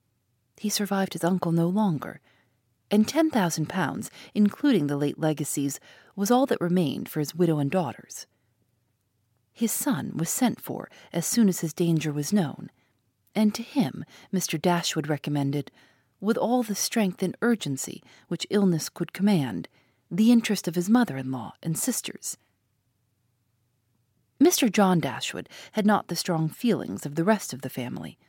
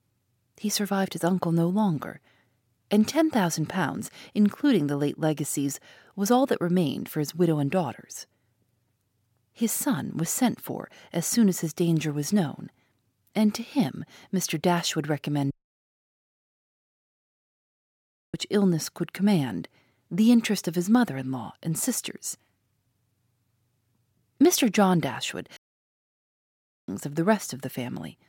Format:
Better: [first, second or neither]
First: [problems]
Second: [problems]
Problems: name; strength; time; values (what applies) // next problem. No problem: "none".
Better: first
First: none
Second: audio cutting out; at 16 s for 3 s and at 26 s for 1.5 s